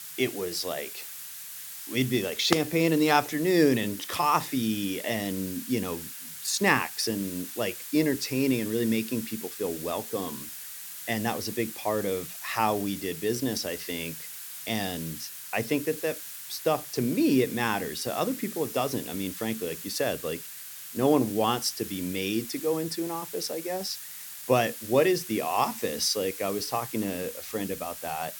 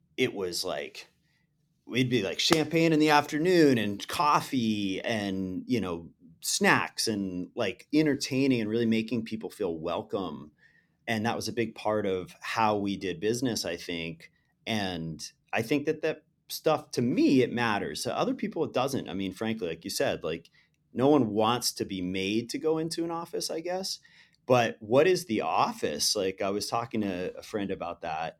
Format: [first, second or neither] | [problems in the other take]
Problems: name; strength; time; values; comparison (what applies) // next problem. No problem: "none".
second | hiss; loud; throughout; 9 dB below the speech